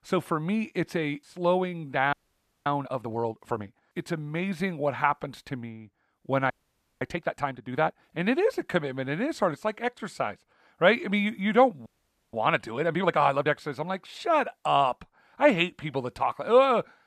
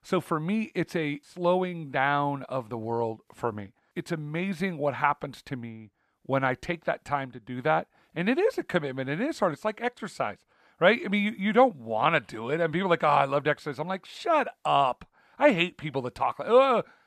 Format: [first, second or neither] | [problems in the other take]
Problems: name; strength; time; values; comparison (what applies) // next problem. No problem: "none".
second | audio freezing; at 2 s for 0.5 s, at 6.5 s for 0.5 s and at 12 s